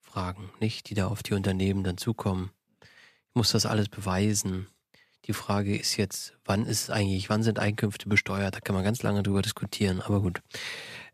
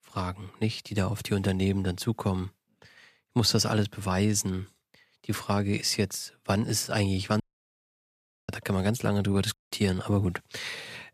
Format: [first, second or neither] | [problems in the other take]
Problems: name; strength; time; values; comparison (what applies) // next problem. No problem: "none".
first | audio cutting out; at 7.5 s for 1 s and at 9.5 s